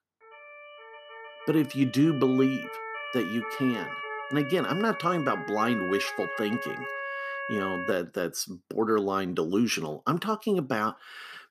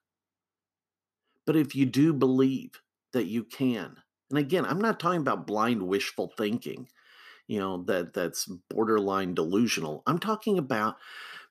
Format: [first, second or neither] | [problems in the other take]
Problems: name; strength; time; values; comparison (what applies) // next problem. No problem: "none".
second | siren; noticeable; until 8 s; peak 5 dB below the speech